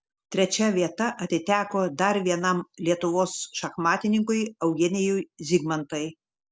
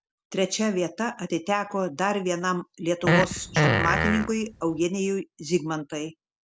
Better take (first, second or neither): first